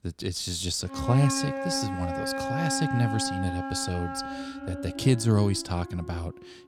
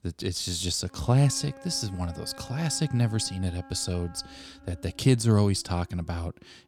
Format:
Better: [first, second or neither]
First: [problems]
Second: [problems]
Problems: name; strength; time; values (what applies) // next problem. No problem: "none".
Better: second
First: background music; loud; throughout; 5 dB below the speech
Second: background music; faint; throughout; 20 dB below the speech